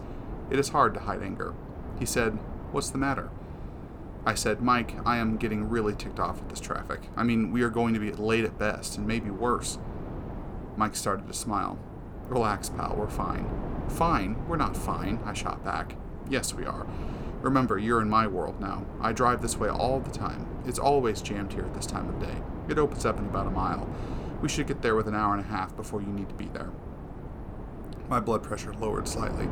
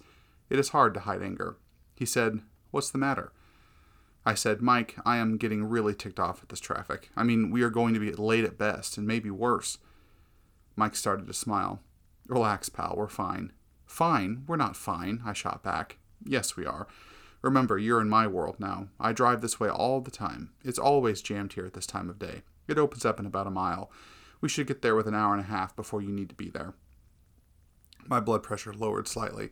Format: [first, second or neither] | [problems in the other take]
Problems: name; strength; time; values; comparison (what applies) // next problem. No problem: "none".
second | wind noise on the microphone; occasional gusts; 15 dB below the speech